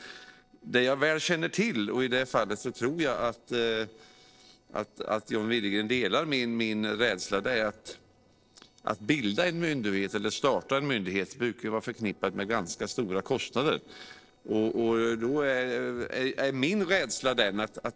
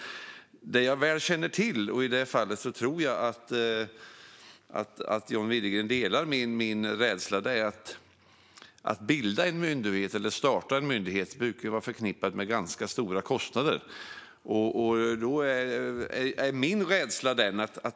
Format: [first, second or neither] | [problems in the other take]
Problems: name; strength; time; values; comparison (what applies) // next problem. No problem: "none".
second | noise reduction (neural separator model SepFormer DNS4)